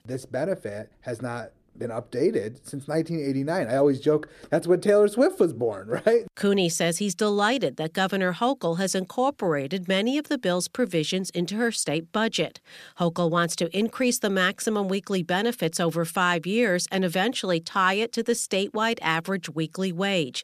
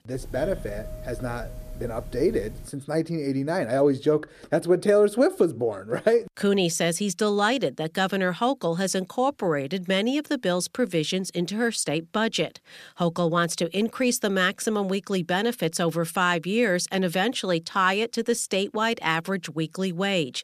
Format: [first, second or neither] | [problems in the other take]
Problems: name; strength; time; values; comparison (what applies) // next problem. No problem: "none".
first | doorbell; faint; until 2.5 s; peak 10 dB below the speech